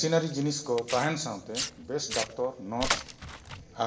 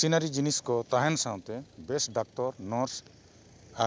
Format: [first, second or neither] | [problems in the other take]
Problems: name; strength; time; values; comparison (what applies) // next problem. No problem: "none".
second | background sound (Tearing); 7 dB below the speech // room echo; dies away in 1 s